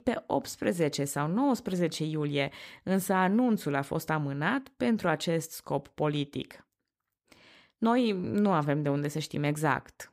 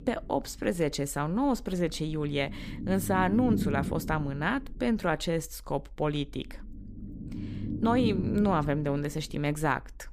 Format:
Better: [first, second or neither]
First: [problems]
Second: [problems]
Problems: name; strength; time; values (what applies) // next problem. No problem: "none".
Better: first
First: none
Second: low rumble; noticeable; throughout; 10 dB below the speech